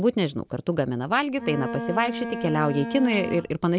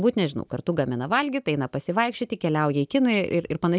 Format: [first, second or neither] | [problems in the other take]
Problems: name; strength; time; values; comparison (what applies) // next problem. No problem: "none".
second | background sound (Bowed string instrument); 8 dB below the speech